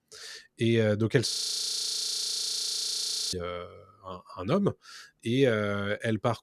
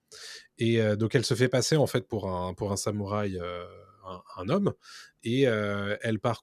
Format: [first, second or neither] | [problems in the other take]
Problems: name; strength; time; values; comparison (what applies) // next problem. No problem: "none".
second | audio freezing; at 1.5 s for 2 s